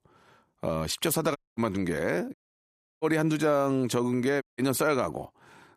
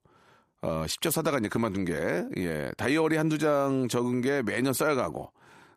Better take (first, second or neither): second